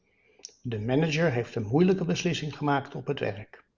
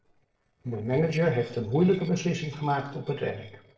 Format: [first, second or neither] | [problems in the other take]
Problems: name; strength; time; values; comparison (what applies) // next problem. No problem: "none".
first | noise reduction (neural separator model SepFormer DNS4)